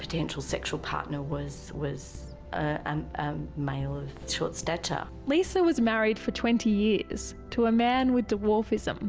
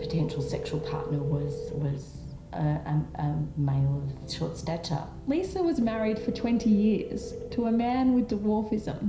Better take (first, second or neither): first